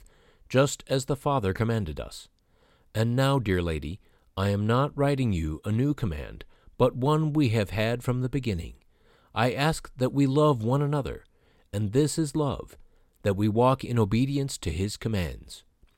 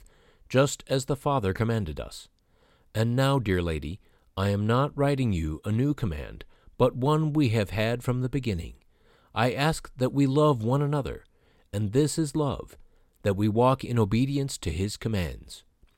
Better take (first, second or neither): neither